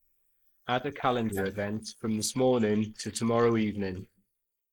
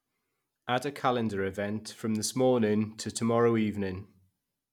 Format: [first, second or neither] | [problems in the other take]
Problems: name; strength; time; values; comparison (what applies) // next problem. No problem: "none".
second | noise reduction (neural mask model Resemble Enhance denoiser)